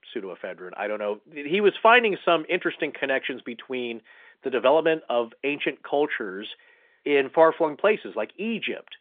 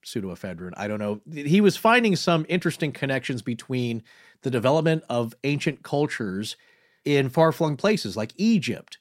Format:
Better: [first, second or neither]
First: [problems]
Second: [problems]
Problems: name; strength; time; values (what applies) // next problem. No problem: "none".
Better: second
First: phone-call audio; nothing above 3.5 kHz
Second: none